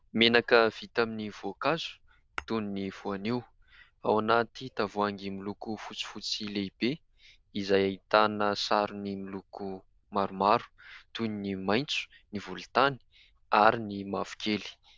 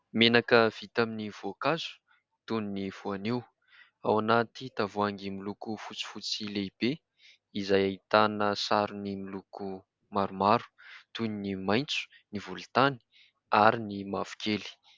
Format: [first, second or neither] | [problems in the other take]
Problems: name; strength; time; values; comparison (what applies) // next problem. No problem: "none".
second | noise reduction (neural diffusion model UNIVERSE++)